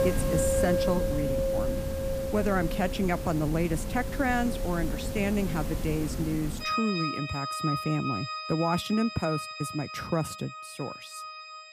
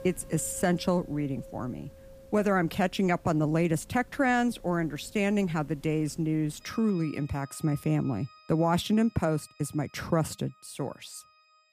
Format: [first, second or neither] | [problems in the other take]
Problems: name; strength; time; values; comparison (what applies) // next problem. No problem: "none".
second | background music; loud; throughout; 2 dB below the speech; faint in the second